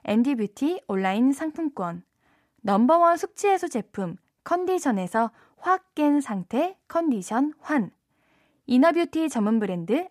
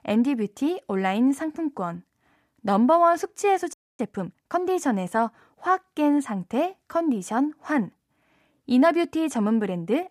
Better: first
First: none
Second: audio freezing; at 3.5 s

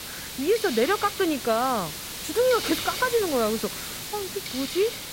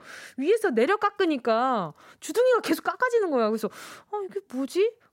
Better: second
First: hiss; loud; throughout; 6 dB below the speech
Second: none

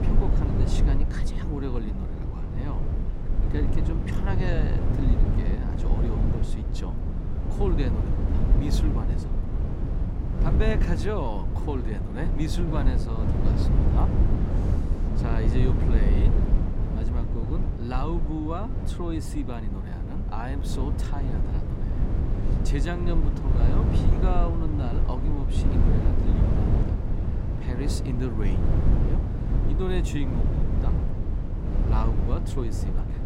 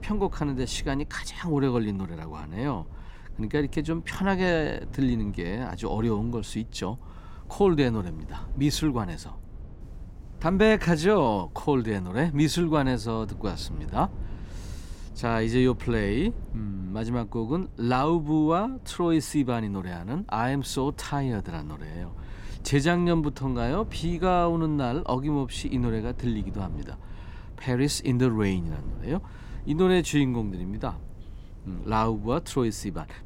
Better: second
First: low rumble; loud; throughout; 1 dB below the speech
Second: low rumble; faint; throughout; 25 dB below the speech

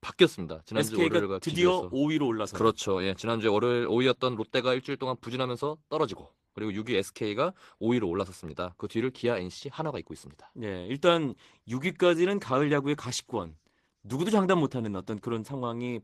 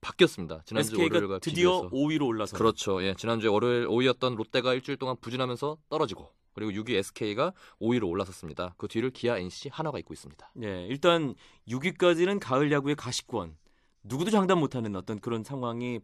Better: second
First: garbled, watery; slightly; nothing above 13.5 kHz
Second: none

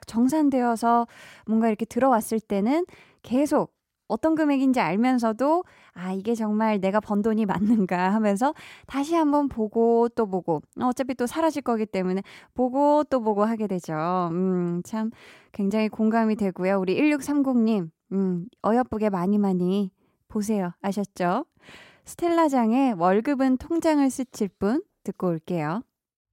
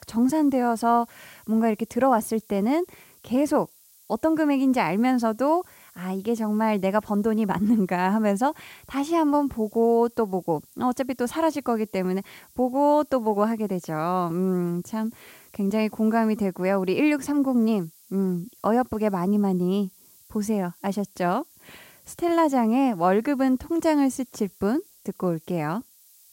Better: first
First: none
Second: hiss; faint; throughout; 25 dB below the speech

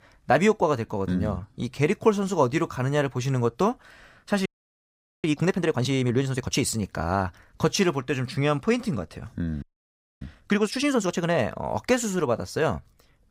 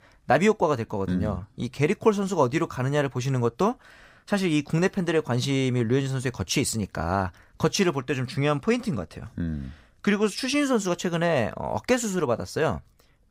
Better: second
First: audio freezing; at 4.5 s for 1 s and at 9.5 s for 0.5 s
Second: none

